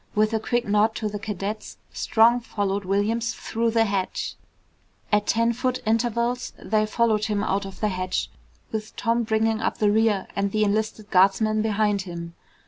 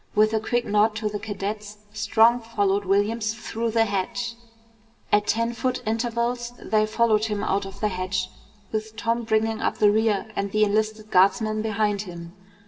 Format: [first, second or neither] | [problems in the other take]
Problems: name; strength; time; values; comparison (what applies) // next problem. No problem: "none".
first | room echo; dies away in 0.7 s